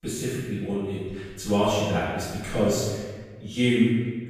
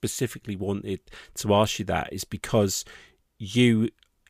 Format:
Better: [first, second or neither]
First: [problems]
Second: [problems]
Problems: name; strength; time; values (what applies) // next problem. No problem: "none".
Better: second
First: room echo; strong; dies away in 1.3 s // off-mic speech; far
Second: none